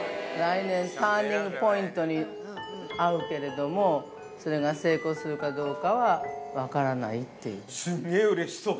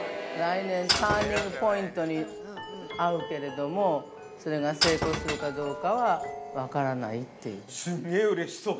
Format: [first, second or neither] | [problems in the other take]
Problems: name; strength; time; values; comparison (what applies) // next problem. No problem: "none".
first | background sound (Shatter / Crushing); 5 dB below the speech